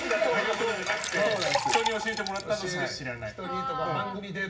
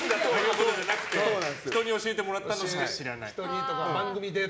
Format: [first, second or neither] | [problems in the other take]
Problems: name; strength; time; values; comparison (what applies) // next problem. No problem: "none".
second | background sound (Liquid); 4 dB below the speech // room echo; dies away in 0.4 s